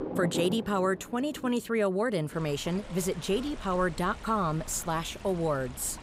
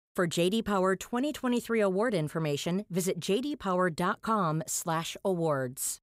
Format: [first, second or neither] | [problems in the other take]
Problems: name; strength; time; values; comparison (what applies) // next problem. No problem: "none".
second | rain or running water; noticeable; throughout; 10 dB below the speech